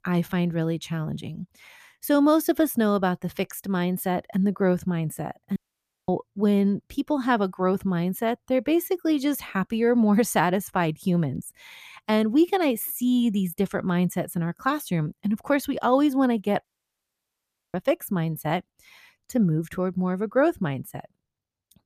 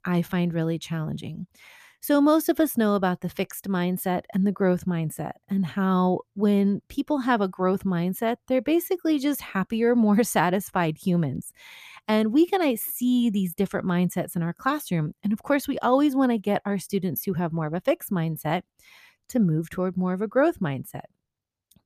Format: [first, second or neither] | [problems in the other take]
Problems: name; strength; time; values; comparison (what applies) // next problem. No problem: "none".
second | audio cutting out; at 5.5 s for 0.5 s and at 17 s for 1 s